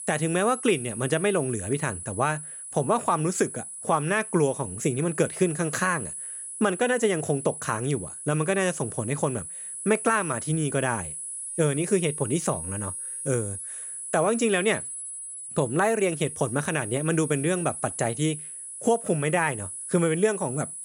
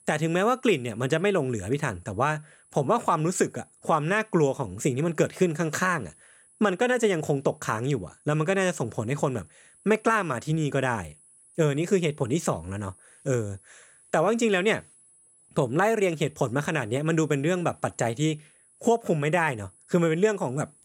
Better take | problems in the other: second | high-pitched whine; loud; throughout; 10.5 kHz, 8 dB below the speech; faint in the second

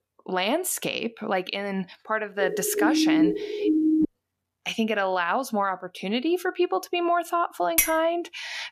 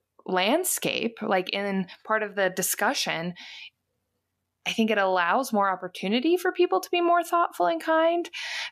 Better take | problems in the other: second | siren; loud; from 2.5 to 4 s; peak 6 dB above the speech // clattering dishes; loud; at 8 s; peak 4 dB above the speech

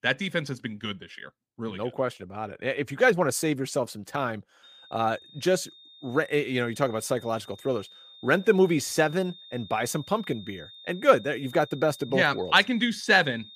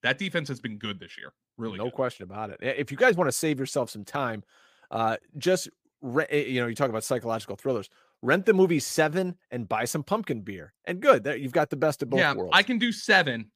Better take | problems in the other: second | high-pitched whine; faint; from 4.5 s on; 3.5 kHz, 20 dB below the speech

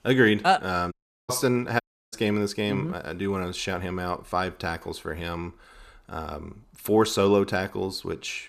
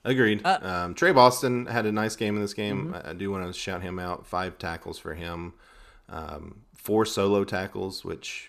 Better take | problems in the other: second | audio cutting out; at 1 s and at 2 s

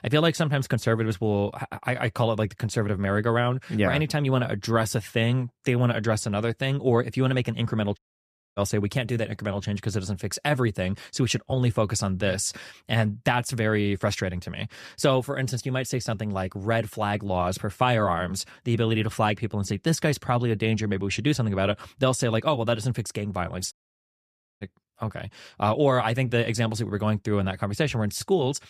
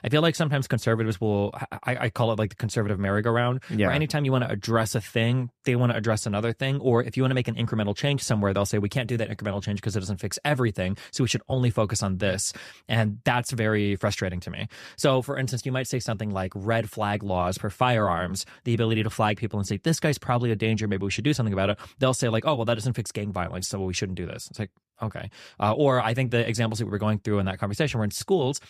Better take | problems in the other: second | audio cutting out; at 8 s for 0.5 s and at 24 s for 1 s

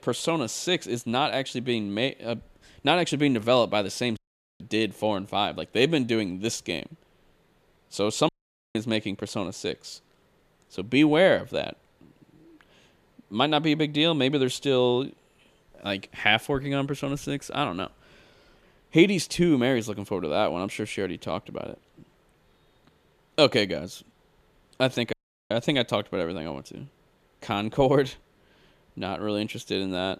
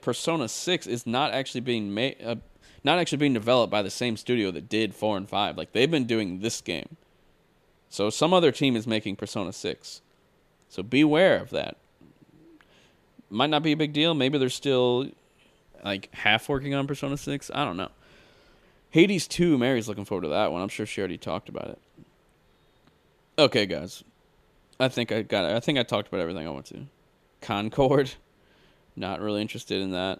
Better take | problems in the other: second | audio cutting out; at 4 s, at 8.5 s and at 25 s

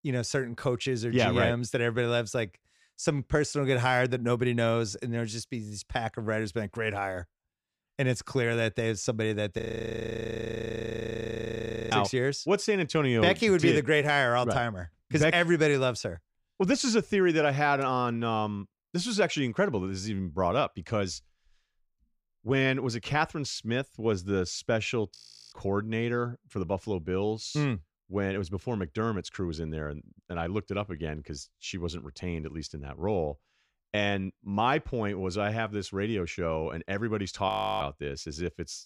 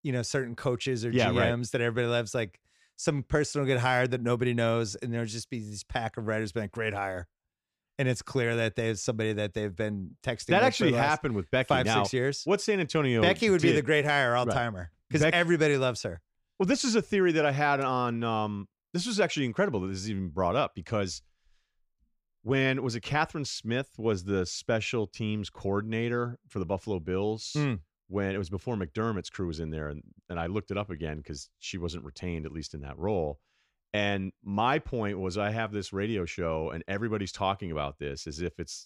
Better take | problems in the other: second | audio freezing; at 9.5 s for 2.5 s, at 25 s and at 37 s

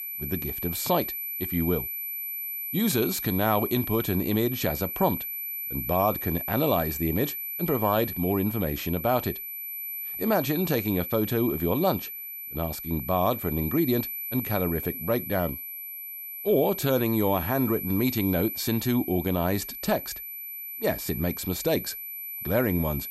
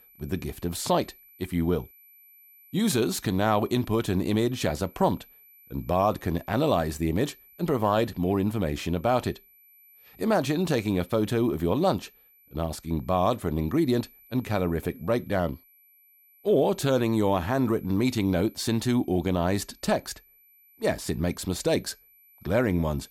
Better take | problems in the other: second | high-pitched whine; loud; throughout; 12 kHz, 5 dB below the speech; faint in the second

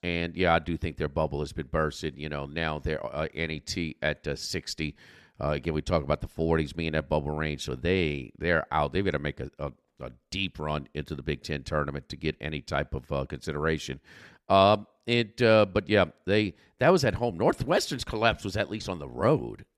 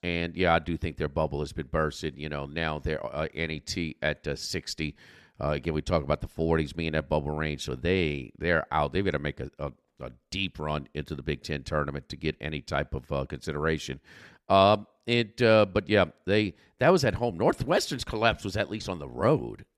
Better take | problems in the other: neither | none

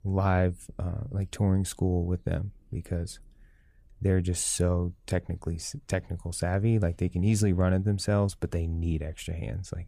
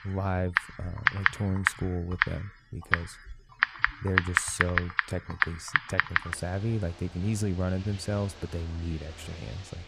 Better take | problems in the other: first | household noises; very loud; throughout; 5 dB above the speech

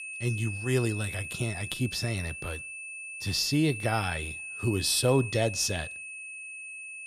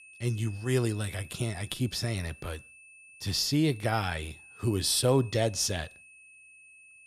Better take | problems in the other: second | high-pitched whine; loud; throughout; 2.5 kHz, 8 dB below the speech; faint in the second

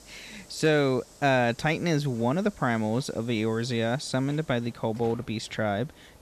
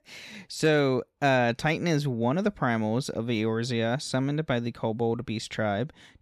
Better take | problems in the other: second | hiss; faint; throughout; 25 dB below the speech

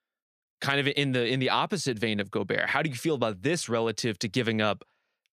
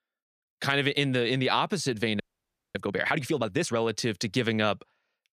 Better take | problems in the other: first | audio freezing; at 2 s for 0.5 s

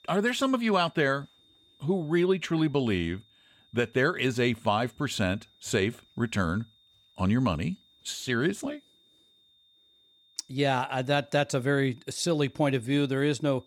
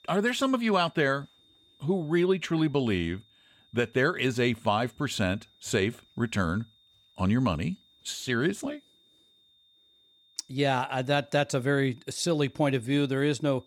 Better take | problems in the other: neither | high-pitched whine; faint; throughout; 3.5 kHz, 30 dB below the speech; the same in both

